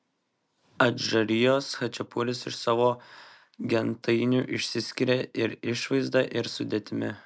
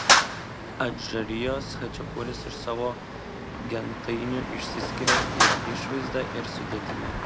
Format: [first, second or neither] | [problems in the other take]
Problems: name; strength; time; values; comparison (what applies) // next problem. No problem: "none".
first | background sound (Traffic noise, roadway noise); 5 dB above the speech